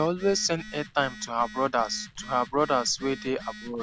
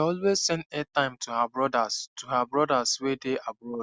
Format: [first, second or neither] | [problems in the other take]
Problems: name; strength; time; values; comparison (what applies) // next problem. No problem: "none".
second | background sound (Telephone); 16 dB below the speech